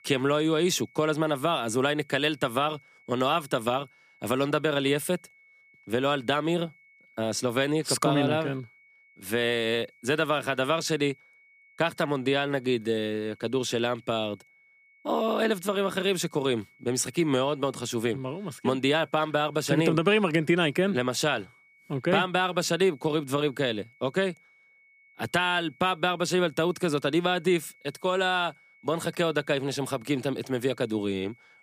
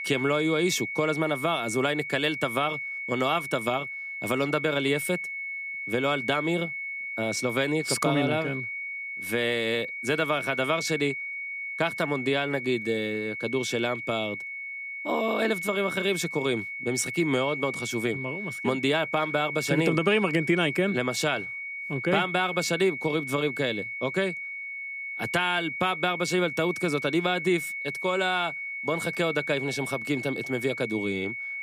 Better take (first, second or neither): first